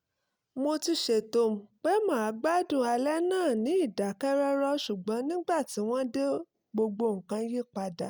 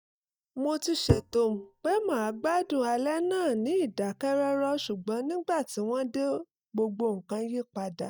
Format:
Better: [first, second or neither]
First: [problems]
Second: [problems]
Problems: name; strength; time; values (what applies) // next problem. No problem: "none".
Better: first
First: none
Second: noise reduction (neural mask model DeepFilterNet 3)